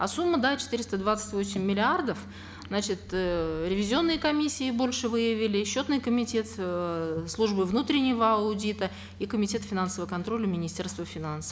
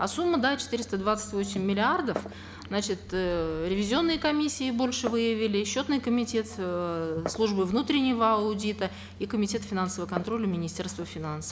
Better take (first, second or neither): first